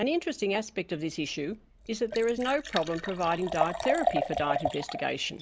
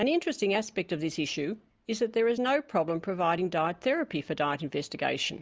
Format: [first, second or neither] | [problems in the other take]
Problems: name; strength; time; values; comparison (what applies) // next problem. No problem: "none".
second | background sound (Liquid); 4 dB below the speech